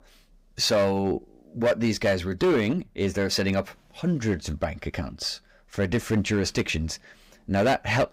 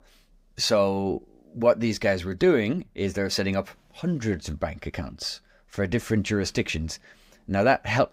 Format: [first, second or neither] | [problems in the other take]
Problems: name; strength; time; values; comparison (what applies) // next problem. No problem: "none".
second | distortion; slight; 5% of the sound clipped